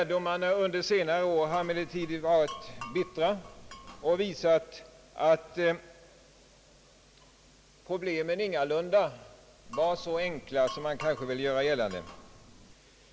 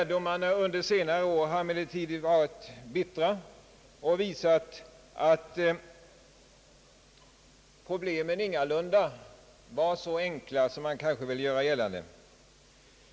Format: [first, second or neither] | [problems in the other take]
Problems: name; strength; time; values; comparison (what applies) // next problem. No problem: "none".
second | background sound (Glass); 15 dB below the speech